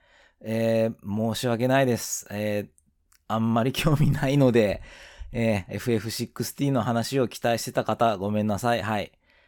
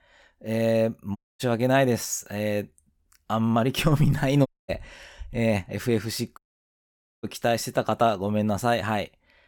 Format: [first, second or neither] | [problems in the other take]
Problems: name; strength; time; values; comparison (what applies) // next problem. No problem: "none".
first | audio cutting out; at 1 s, at 4.5 s and at 6.5 s for 1 s